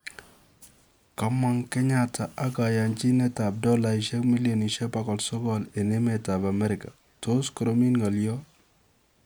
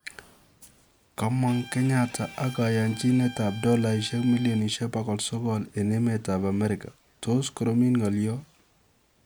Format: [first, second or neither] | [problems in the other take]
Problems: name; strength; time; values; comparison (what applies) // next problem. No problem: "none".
first | background sound (Bowed string instrument); 19 dB below the speech